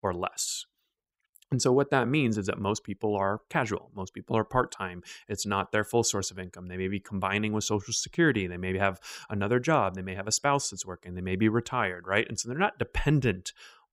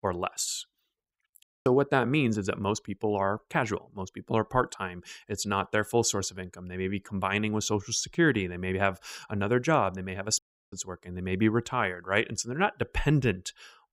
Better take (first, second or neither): first